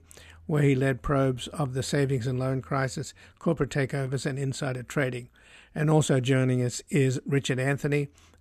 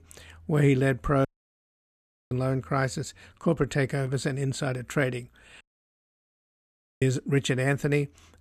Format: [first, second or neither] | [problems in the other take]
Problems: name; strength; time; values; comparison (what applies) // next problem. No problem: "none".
first | audio cutting out; at 1.5 s for 1 s and at 5.5 s for 1.5 s